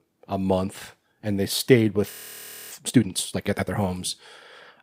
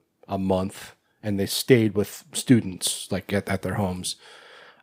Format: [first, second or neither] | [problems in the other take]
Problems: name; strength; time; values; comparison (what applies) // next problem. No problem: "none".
second | audio freezing; at 2 s for 0.5 s